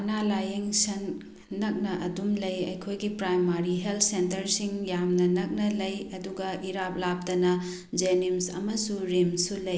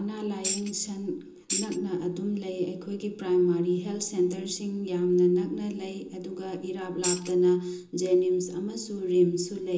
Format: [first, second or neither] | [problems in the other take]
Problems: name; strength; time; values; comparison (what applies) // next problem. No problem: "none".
first | background sound (Tambourine); 8 dB below the speech // room echo; dies away in 0.2 s